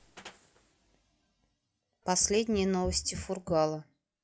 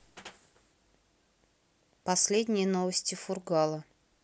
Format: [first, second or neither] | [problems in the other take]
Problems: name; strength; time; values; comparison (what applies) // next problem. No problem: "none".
second | noise reduction (classical method log-MMSE)